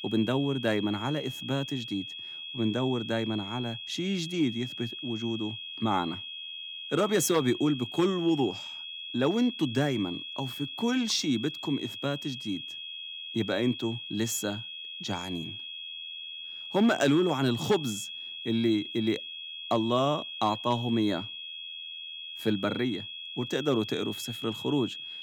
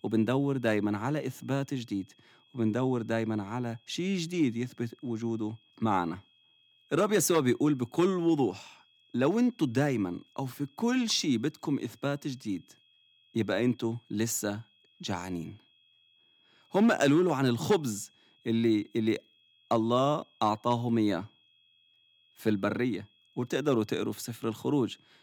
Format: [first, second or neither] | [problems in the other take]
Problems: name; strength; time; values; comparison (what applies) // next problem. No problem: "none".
second | high-pitched whine; loud; throughout; 3.5 kHz, 8 dB below the speech; faint in the second